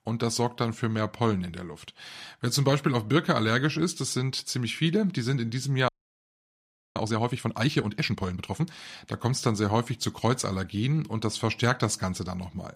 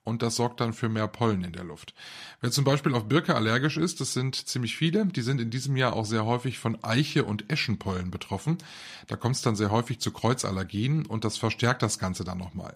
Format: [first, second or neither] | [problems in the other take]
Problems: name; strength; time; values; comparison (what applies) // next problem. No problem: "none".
second | audio freezing; at 6 s for 1 s